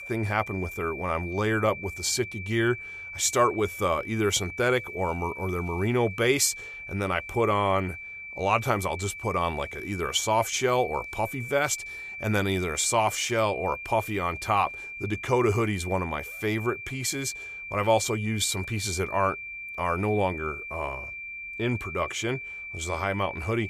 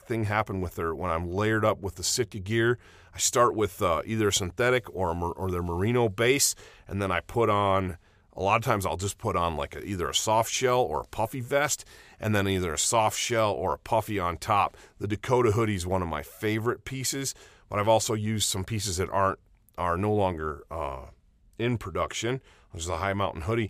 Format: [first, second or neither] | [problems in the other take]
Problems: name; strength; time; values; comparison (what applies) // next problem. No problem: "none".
second | high-pitched whine; loud; throughout; 2.5 kHz, 9 dB below the speech